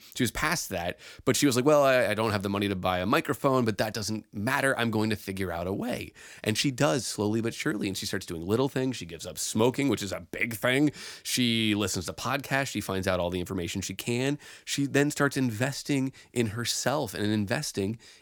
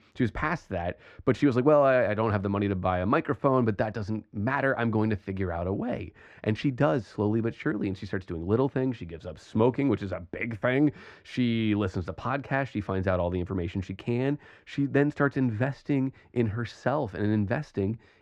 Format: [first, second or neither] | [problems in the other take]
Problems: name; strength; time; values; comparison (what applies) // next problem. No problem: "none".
first | muffled; very; fading above 1.5 kHz